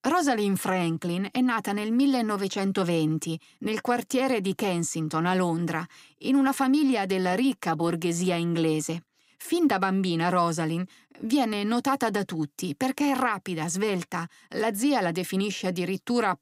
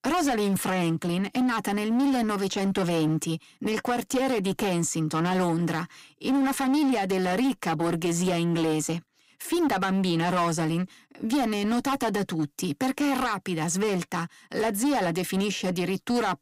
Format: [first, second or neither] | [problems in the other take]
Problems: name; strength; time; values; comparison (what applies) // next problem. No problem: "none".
first | distortion; slight; 16% of the sound clipped